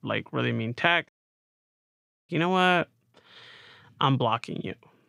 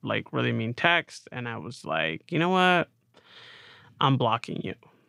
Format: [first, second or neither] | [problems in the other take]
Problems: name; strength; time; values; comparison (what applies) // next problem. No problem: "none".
second | audio cutting out; at 1 s for 1 s